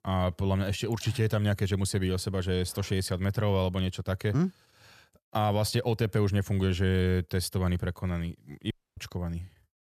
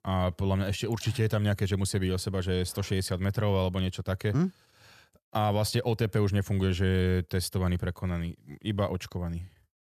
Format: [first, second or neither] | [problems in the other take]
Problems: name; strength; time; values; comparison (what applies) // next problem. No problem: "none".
second | audio cutting out; at 8.5 s